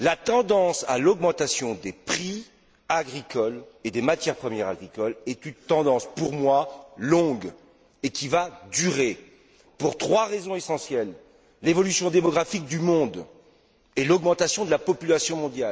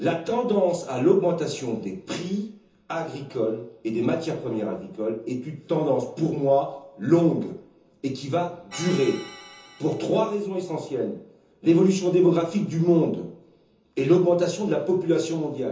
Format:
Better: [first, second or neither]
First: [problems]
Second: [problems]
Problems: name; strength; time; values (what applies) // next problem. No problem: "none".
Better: first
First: none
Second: background sound (Organ); 18 dB below the speech // room echo; dies away in 0.6 s